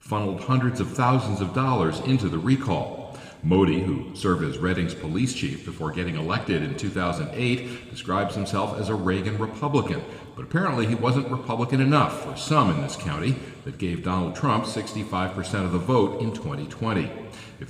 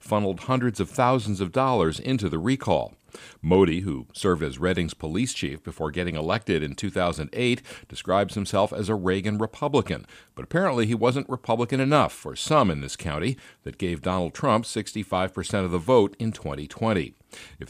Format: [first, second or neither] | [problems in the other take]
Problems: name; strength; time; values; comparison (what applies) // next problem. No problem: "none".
second | room echo; slight; dies away in 2 s